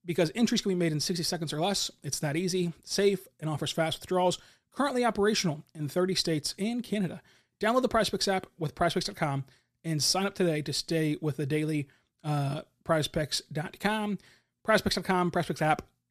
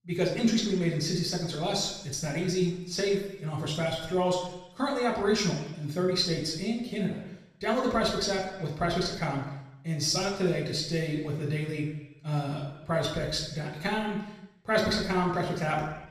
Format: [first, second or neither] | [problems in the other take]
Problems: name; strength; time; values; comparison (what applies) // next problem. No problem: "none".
first | room echo; noticeable; dies away in 0.9 s // off-mic speech; far